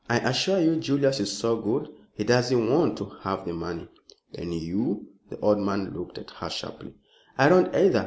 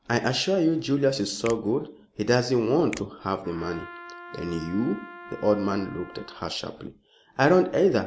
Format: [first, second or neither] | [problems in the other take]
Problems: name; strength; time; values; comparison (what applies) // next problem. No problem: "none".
first | background sound (Trumpet + Finger snapping); 18 dB below the speech